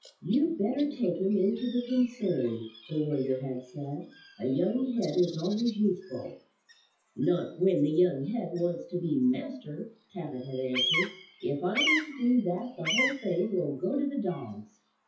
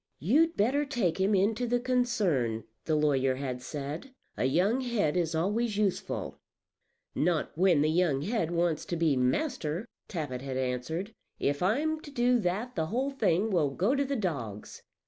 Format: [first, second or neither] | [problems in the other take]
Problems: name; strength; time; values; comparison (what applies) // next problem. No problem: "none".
second | noise reduction (classical method WPE with log-MMSE)